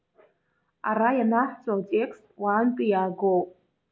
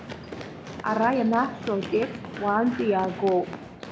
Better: first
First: none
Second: background sound (Run); 11 dB below the speech

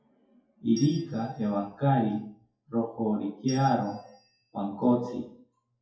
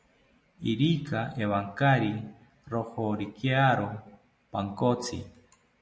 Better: second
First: noise reduction (classical method WPE with log-MMSE)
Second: none

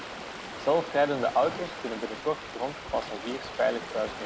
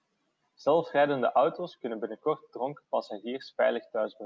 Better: second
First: background sound (Stream); 9 dB below the speech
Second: none

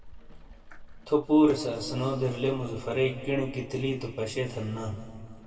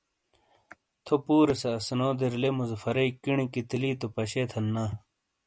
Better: second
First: background sound (Rain); 17 dB below the speech // room echo; dies away in 1.9 s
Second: none

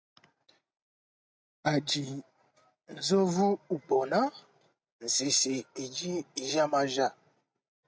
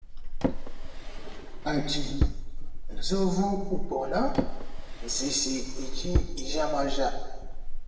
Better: first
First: none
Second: background sound (Drawer open or close); 4 dB above the speech // room echo; dies away in 1.1 s

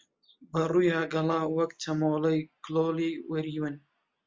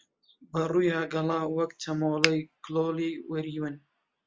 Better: first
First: none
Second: background sound (Finger snapping); 1 dB above the speech

